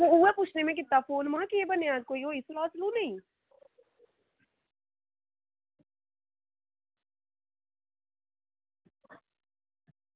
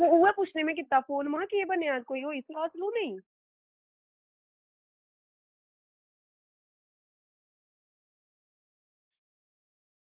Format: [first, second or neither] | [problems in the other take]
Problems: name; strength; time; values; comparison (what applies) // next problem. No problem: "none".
first | noise reduction (neural mask model Resemble Enhance denoiser)